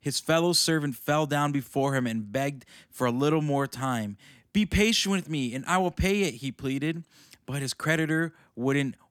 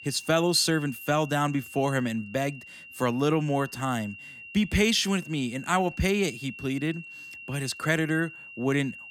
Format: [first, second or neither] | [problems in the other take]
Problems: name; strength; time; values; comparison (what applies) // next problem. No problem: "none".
first | high-pitched whine; noticeable; throughout; 3 kHz, 15 dB below the speech